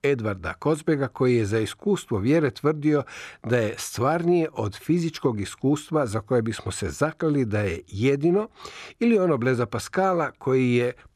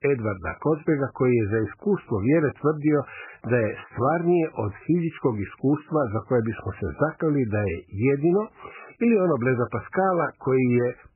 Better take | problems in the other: first | garbled, watery; badly; nothing above 2.5 kHz

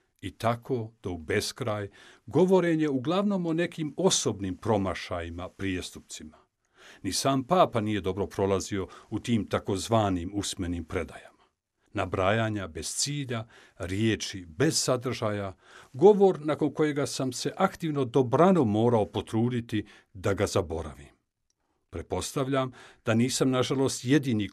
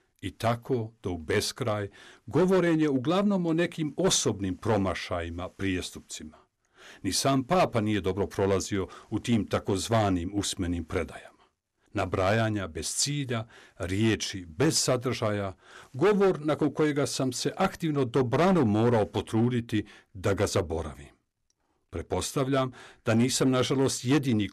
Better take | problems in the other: first | distortion; slight; 4% of the sound clipped

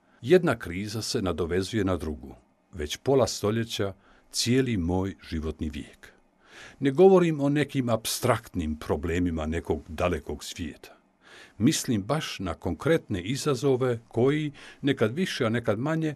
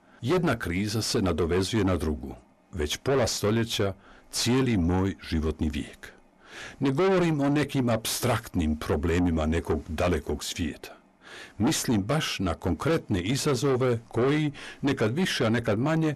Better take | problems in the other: first | distortion; heavy; 6 dB below the speech

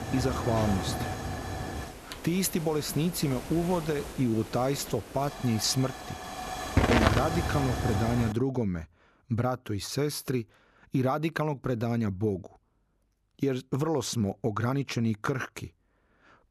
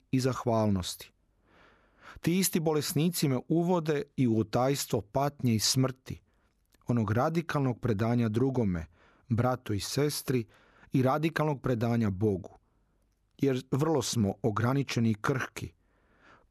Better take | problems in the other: second | hiss; loud; until 8.5 s; 3 dB below the speech

